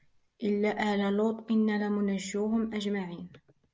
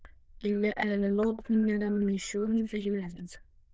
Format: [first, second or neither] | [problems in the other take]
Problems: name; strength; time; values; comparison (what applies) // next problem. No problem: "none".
first | noise reduction (neural diffusion model UNIVERSE++)